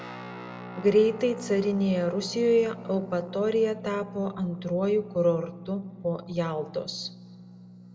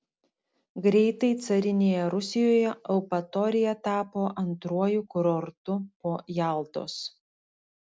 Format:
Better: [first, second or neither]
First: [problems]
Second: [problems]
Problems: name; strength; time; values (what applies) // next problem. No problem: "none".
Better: second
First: background sound (Guitar); 14 dB below the speech // room echo; dies away in 0.6 s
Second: none